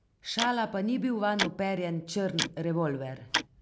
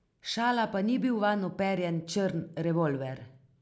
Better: second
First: background sound (Tick-tock); 6 dB below the speech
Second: none

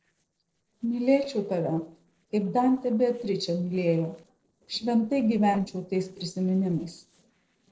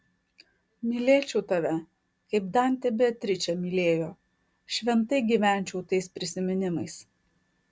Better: second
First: noise reduction (neural separator model SepFormer DNS4)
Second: none

